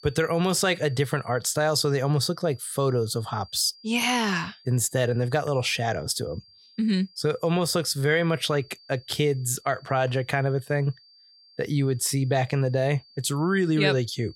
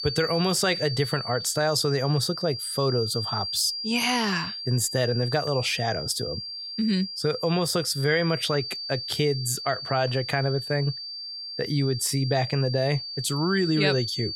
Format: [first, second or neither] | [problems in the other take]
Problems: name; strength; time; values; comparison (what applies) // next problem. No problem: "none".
first | high-pitched whine; loud; throughout; 4.5 kHz, 6 dB below the speech; faint in the first